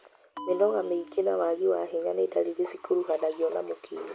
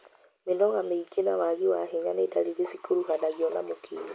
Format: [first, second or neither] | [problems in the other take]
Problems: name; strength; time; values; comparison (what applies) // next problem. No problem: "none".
second | background sound (Bell); 19 dB below the speech